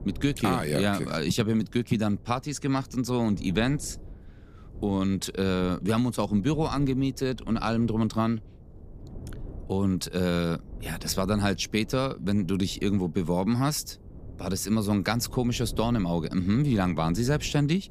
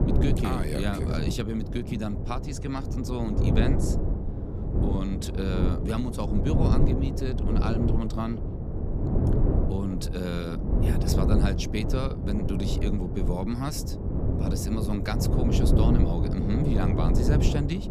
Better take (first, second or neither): first